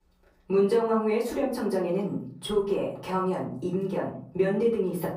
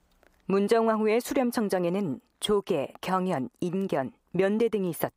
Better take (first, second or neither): second